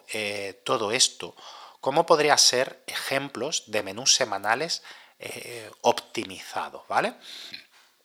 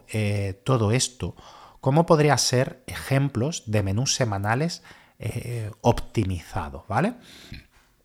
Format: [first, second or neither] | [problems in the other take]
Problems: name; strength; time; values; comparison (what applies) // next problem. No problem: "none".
second | thin; very; fading below 450 Hz